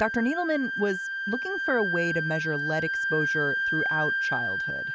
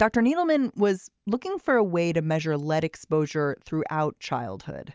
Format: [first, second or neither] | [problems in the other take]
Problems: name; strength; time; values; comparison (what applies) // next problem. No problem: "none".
second | background sound (Wind instrument, woodwind instrument); 1 dB above the speech